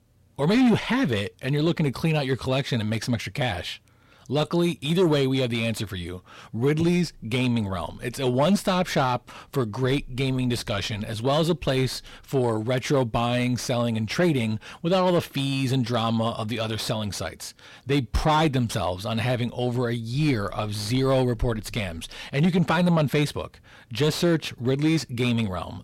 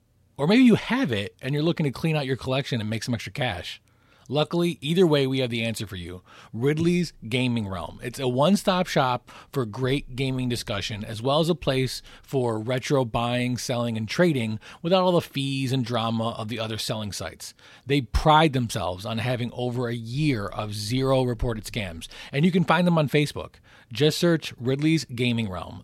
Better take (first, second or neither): second